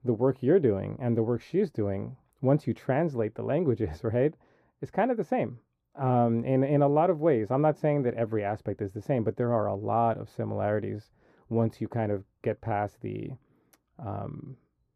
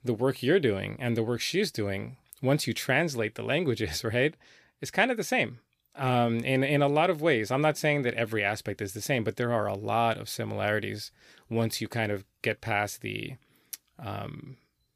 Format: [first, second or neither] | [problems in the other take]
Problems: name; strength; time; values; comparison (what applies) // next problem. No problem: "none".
second | muffled; very; fading above 1.5 kHz